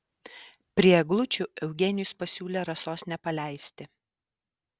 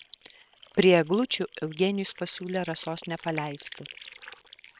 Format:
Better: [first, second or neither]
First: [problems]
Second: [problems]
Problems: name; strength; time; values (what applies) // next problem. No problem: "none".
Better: first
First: none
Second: noise reduction (neural separator model SepFormer WHAM!)